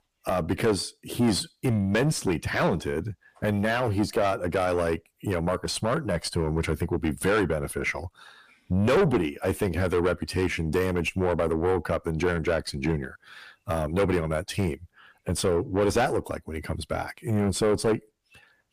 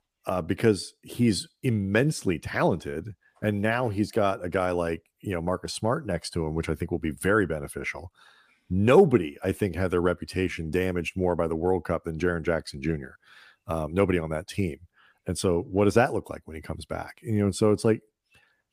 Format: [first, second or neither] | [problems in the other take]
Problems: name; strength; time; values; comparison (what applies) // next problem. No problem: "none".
second | distortion; heavy; 5 dB below the speech